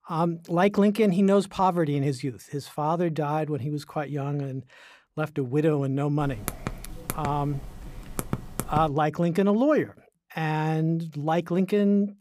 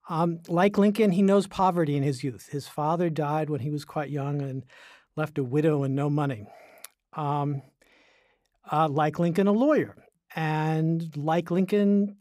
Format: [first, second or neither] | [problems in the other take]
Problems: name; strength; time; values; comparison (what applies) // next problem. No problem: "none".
second | keyboard typing; noticeable; from 6 to 9 s; peak 8 dB below the speech